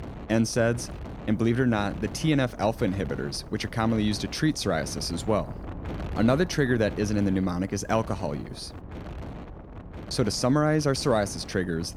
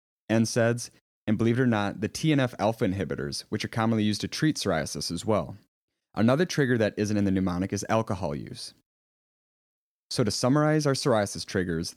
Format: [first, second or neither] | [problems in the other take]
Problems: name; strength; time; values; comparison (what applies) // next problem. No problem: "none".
second | wind noise on the microphone; occasional gusts; 15 dB below the speech